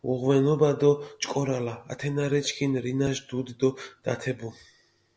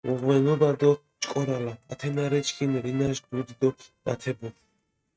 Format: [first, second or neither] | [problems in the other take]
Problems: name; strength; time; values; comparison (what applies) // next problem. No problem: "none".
first | noise reduction (neural mask model RNNoise)